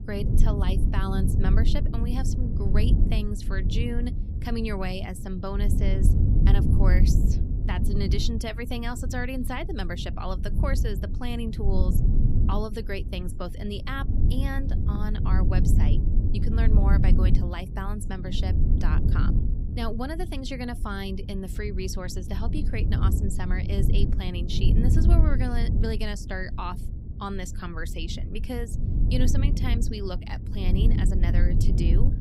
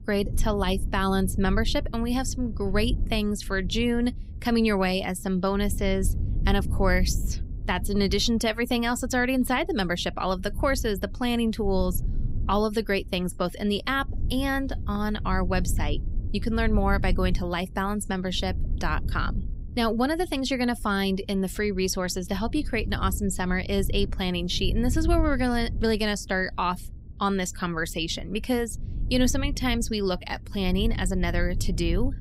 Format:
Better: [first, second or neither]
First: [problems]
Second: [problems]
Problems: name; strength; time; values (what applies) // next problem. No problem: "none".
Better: second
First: low rumble; loud; throughout; 4 dB below the speech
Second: low rumble; faint; throughout; 20 dB below the speech